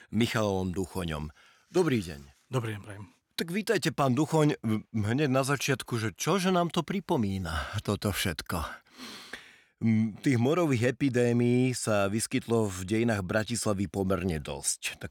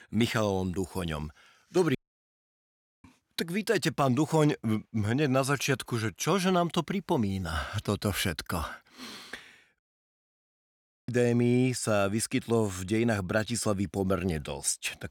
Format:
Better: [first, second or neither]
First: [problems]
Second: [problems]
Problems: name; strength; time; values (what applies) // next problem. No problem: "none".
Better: first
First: none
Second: audio cutting out; at 2 s for 1 s and at 10 s for 1.5 s